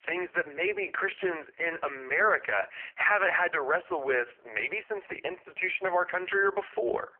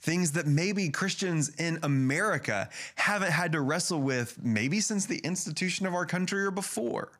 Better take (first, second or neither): second